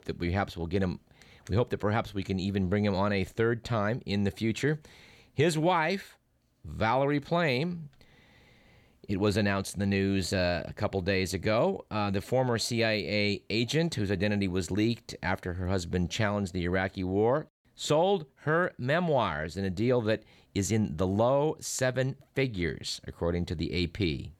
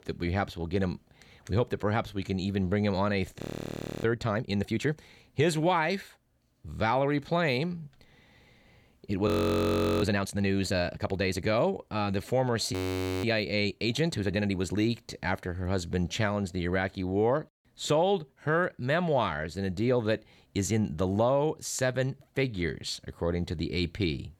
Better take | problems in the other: first | audio freezing; at 3.5 s for 0.5 s, at 9.5 s for 0.5 s and at 13 s

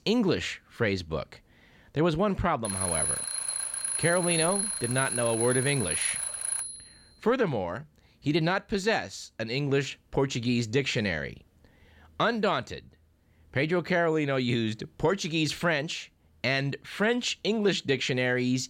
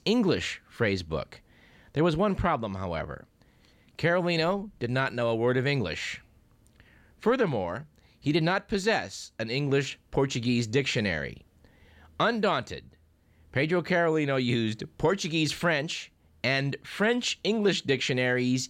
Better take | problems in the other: second | alarm; loud; from 2.5 to 7 s; peak 2 dB above the speech

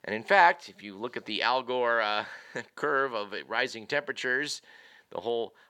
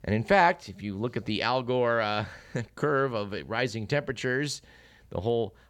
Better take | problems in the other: second | thin; somewhat; fading below 350 Hz

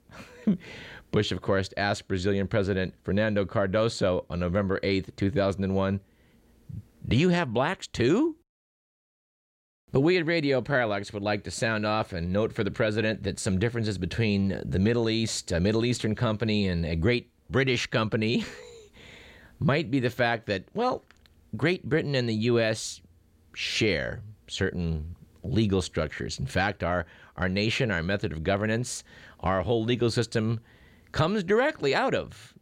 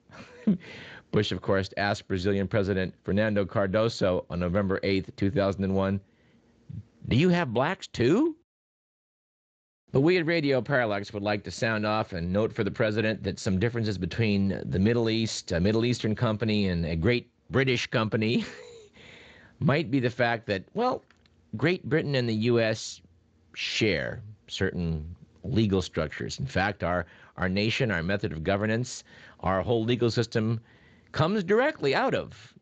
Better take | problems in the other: first | garbled, watery; slightly; nothing above 7.5 kHz

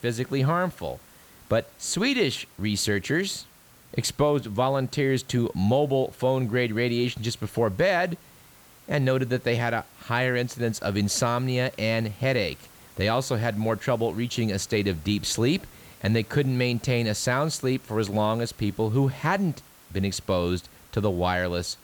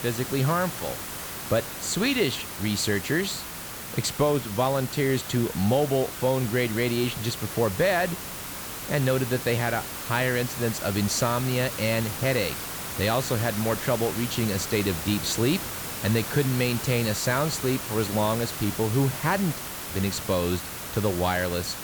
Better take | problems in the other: first | hiss; loud; throughout; 6 dB below the speech; faint in the first

